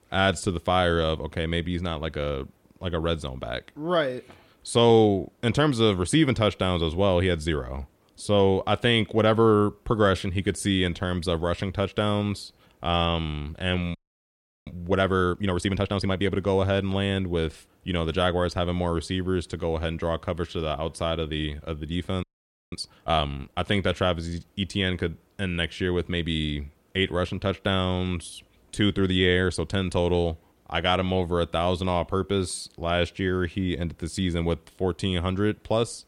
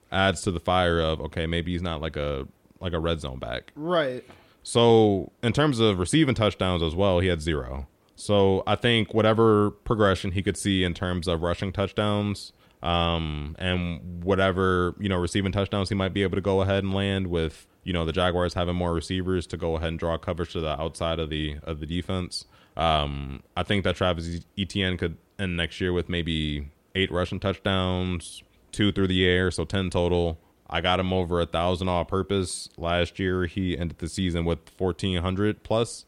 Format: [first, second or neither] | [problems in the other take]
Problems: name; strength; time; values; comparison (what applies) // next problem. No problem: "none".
second | audio freezing; at 14 s for 0.5 s and at 22 s